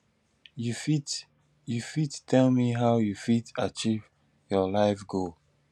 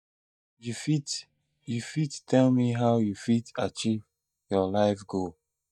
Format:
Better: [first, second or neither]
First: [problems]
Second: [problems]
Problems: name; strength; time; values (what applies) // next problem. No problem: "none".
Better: first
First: none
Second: noise reduction (neural mask model DeepFilterNet 3)